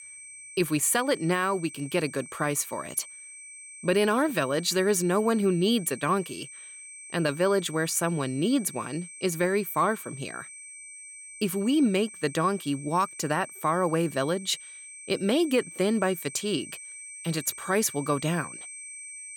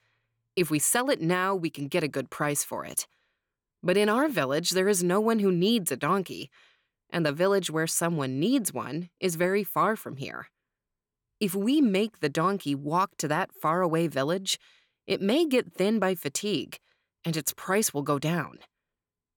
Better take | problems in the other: second | high-pitched whine; noticeable; throughout; 8.5 kHz, 15 dB below the speech

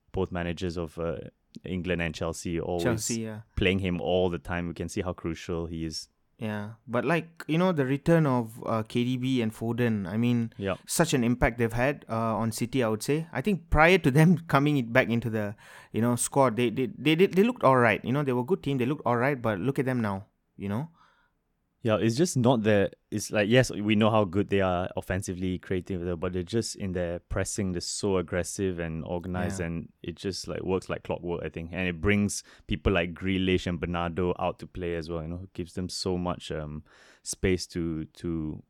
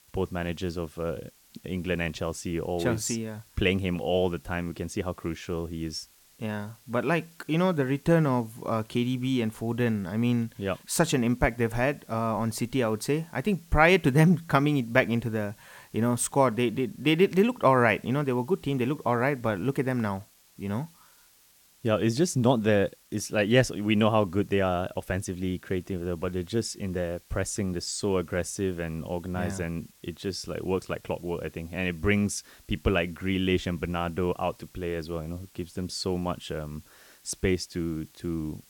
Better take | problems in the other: first | hiss; faint; throughout; 30 dB below the speech

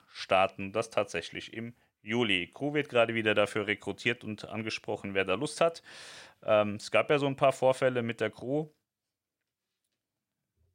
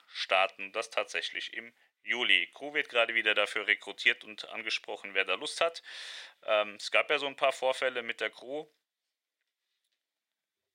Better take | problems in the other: first | thin; somewhat; fading below 500 Hz

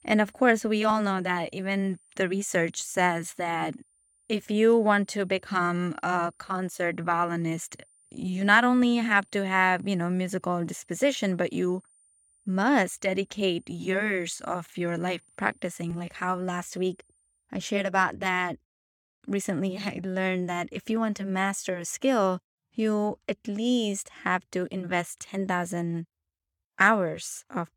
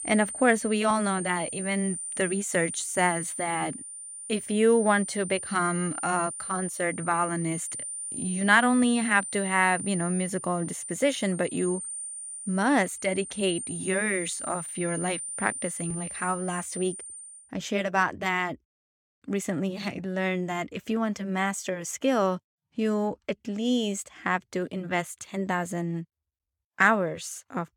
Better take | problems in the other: first | high-pitched whine; loud; until 17 s; 9 kHz, 7 dB below the speech; faint in the first

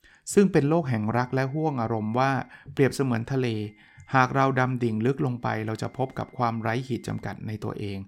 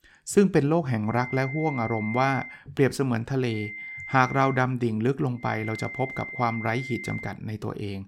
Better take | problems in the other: first | high-pitched whine; loud; from 1 to 2.5 s, from 3.5 to 4.5 s and from 5.5 to 7.5 s; 2 kHz, 10 dB below the speech; faint in the first

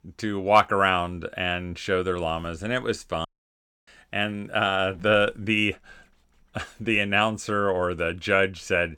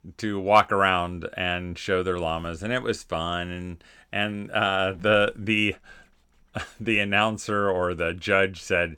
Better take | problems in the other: second | audio cutting out; at 3.5 s for 0.5 s

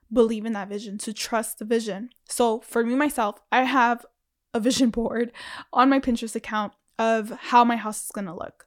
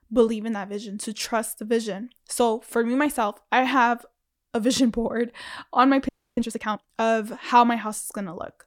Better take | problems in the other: first | audio freezing; at 6 s

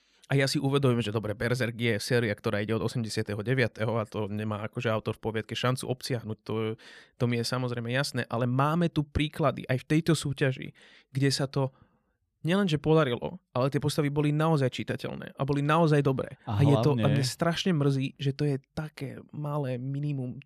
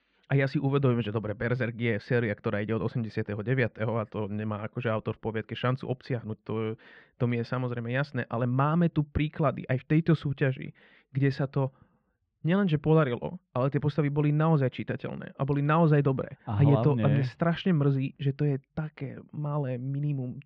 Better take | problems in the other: first | muffled; very; fading above 2.5 kHz

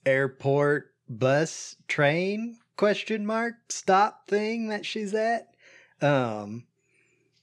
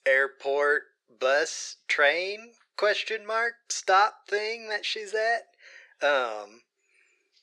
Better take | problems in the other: first | thin; very; fading below 450 Hz

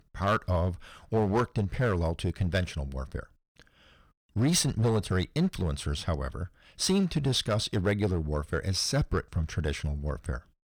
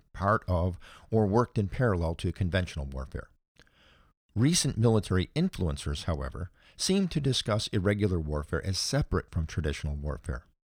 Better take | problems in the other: second | distortion; slight; 4% of the sound clipped

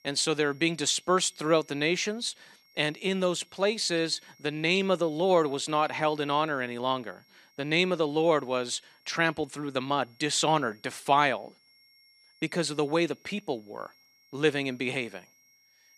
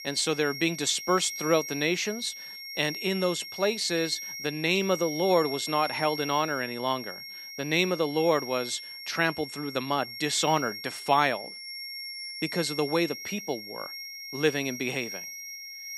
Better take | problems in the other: first | high-pitched whine; loud; throughout; 5.5 kHz, 9 dB below the speech; faint in the first

